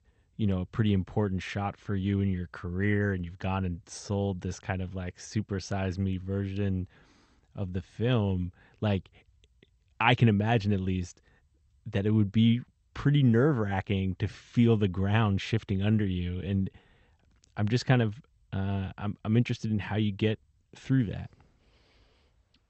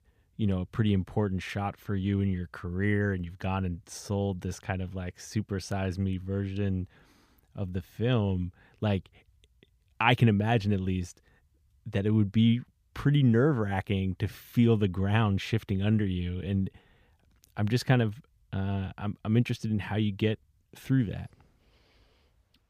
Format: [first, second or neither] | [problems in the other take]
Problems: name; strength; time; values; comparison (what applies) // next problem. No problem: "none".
second | garbled, watery; slightly; nothing above 7 kHz